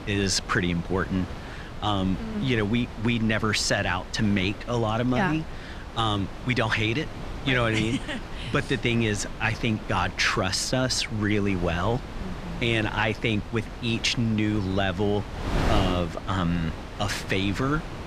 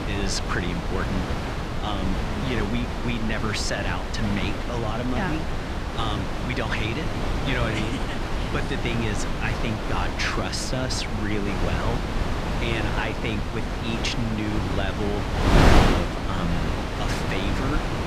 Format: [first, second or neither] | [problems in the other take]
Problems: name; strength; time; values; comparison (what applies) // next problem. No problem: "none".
first | wind noise on the microphone; heavy; 1 dB above the speech; occasional gusts in the first